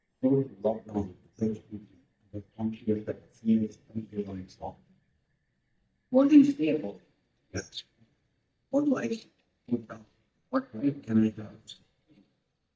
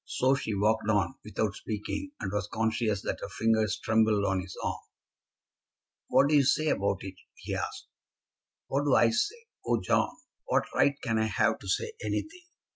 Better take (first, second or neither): second